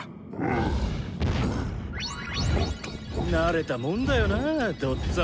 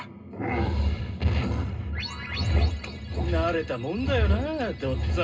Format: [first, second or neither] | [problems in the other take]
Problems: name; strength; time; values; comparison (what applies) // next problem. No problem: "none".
first | room echo; dies away in 0.2 s